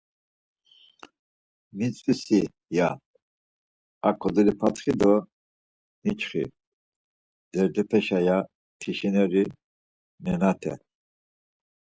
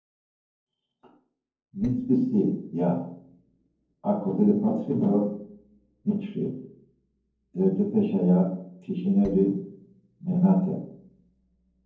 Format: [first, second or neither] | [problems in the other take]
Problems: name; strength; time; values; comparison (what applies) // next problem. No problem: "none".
first | noise reduction (neural separator model SepFormer DNS4)